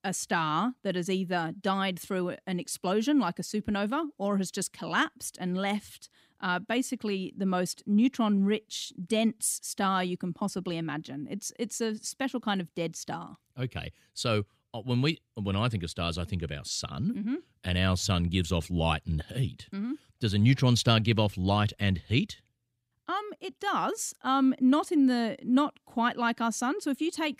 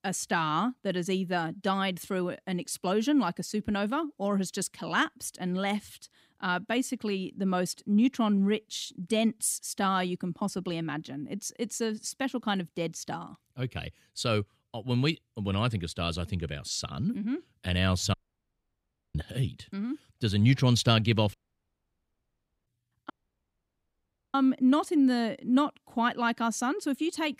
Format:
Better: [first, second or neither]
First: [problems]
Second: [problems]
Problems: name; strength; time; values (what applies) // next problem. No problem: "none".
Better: first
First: none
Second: audio cutting out; at 18 s for 1 s, at 21 s for 1.5 s and at 23 s for 1 s